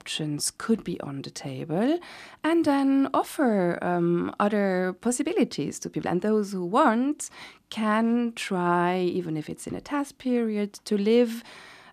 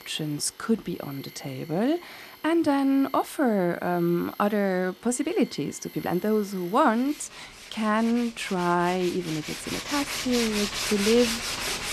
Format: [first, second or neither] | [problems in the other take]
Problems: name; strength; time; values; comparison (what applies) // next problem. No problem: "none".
first | machinery noise; loud; throughout; 6 dB below the speech